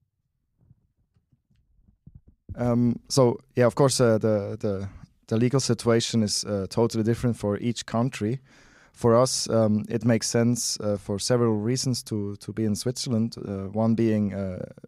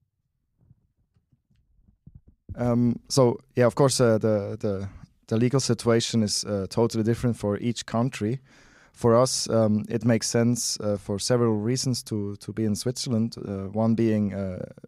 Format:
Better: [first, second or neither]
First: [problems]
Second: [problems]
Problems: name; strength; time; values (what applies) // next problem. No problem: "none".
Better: neither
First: none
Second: none